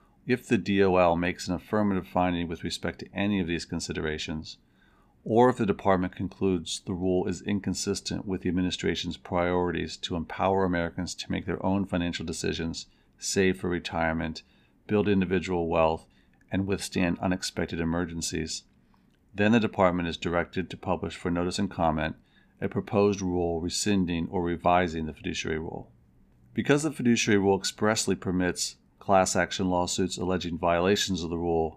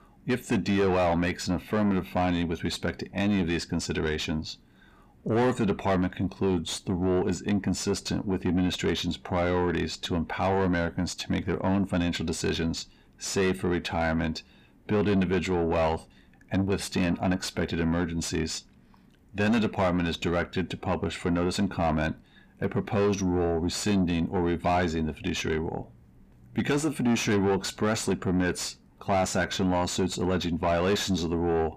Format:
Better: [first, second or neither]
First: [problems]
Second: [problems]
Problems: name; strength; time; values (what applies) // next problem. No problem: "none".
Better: first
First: none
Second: distortion; heavy; 8 dB below the speech